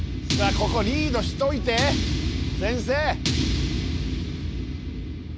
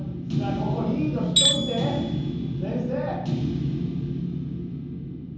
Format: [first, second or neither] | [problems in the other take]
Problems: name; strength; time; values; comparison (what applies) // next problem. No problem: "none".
first | background sound (Tools); 2 dB below the speech // room echo; dies away in 0.9 s